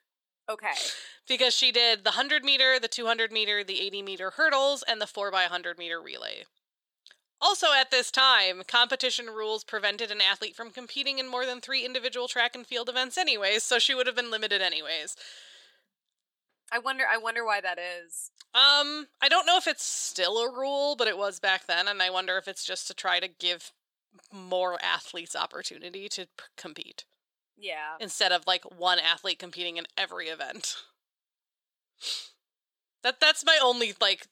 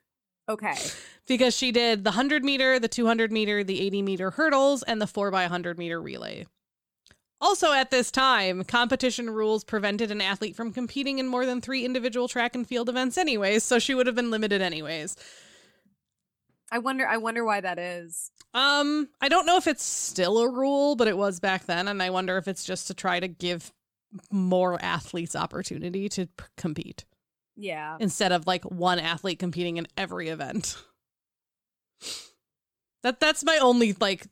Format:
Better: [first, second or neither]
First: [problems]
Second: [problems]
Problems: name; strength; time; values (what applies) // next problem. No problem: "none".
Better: second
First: thin; very; fading below 600 Hz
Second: none